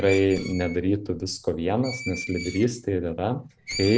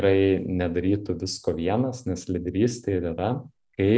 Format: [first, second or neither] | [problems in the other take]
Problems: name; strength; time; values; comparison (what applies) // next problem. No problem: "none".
second | background sound (Screech); 13 dB below the speech